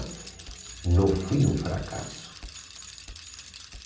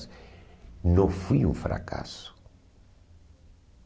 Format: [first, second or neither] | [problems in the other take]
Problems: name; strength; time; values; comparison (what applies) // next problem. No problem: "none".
second | background sound (Bicycle); 15 dB below the speech // room echo; dies away in 0.6 s